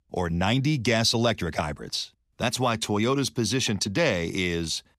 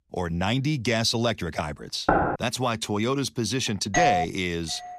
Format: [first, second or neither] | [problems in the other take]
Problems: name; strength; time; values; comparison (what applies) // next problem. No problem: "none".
first | door banging; loud; at 2 s; peak 3 dB above the speech // doorbell; loud; at 4 s; peak 4 dB above the speech // doorbell; very faint; at 4.5 s; peak 15 dB below the speech